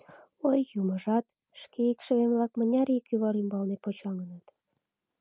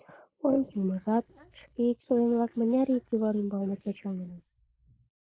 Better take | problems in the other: first | noise reduction (neural mask model Resemble Enhance denoiser)

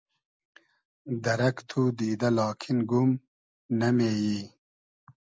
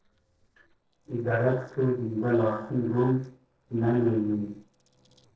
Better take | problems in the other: first | noise reduction (neural separator model SepFormer DNS4)

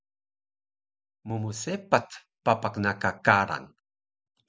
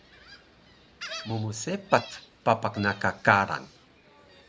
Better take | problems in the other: first | background sound (Gull, seagull); 17 dB below the speech

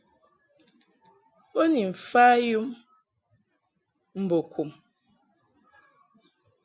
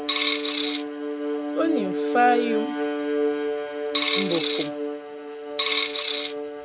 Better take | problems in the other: first | background sound (Coin (dropping) + Bowed string instrument); 3 dB above the speech

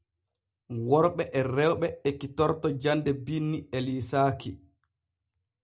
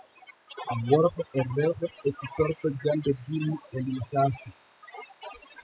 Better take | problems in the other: first | noise reduction (classical method spectral subtraction)

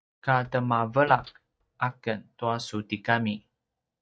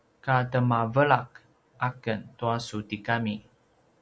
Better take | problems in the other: second | noise reduction (neural mask model DeepFilterNet 3)

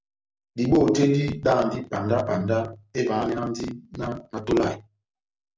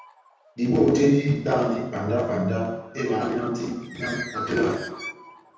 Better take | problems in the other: first | background sound (Bird); 15 dB below the speech // room echo; dies away in 0.9 s

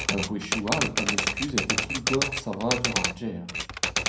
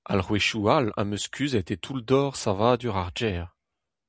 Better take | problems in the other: second | background sound (Typewriter); 3 dB above the speech // room echo; dies away in 0.6 s

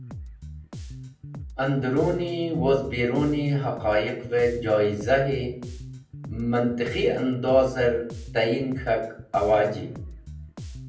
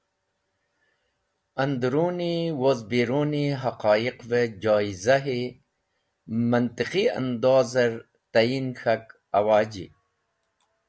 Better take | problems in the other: second | background sound (Bass guitar); 13 dB below the speech // room echo; dies away in 0.6 s

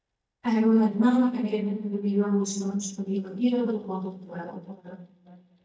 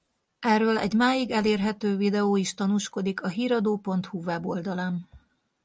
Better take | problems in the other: second | noise reduction (neural mask model DeepFilterNet 3)

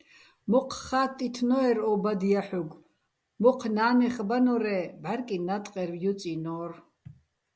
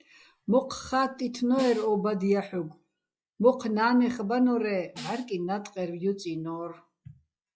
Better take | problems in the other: first | noise reduction (classical method log-MMSE)

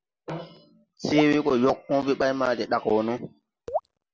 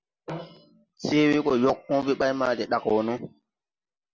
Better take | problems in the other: second | background sound (Raindrop / Drip); 8 dB below the speech

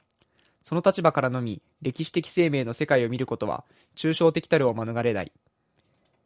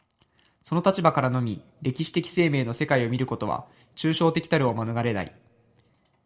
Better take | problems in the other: first | room echo; dies away in 0.4 s

